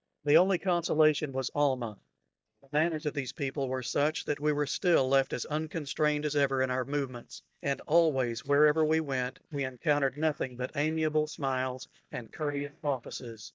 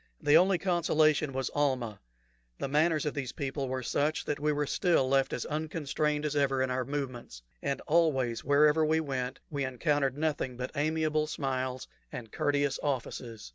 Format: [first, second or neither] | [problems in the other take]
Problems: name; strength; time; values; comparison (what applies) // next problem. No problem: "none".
second | noise reduction (neural mask model DeepFilterNet 3)